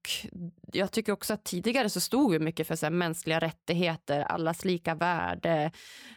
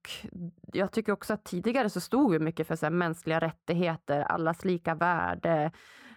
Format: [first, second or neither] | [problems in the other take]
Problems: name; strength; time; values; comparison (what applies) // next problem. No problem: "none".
first | muffled; slightly; fading above 2 kHz